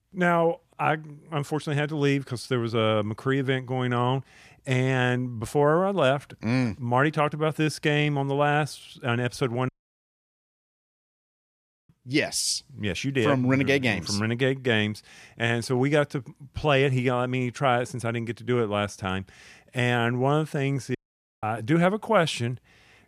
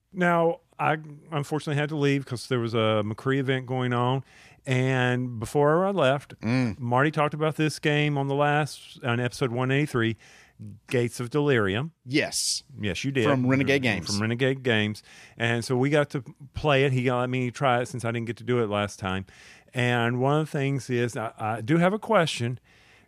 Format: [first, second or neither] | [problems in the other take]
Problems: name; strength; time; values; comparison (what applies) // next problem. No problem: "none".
second | audio cutting out; at 9.5 s for 2 s and at 21 s